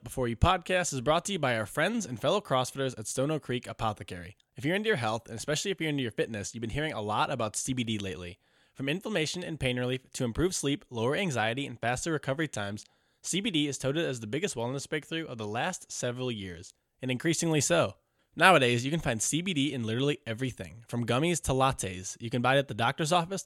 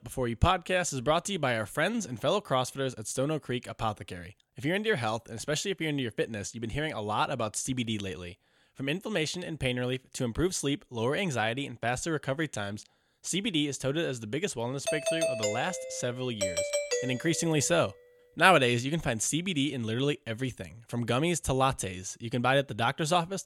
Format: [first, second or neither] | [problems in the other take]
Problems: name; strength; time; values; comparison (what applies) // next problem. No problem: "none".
first | doorbell; loud; from 15 to 18 s; peak 1 dB above the speech